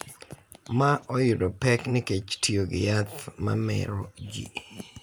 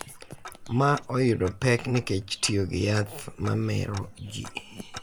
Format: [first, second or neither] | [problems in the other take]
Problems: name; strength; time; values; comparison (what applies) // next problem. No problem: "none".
first | background sound (Tick-tock); 17 dB below the speech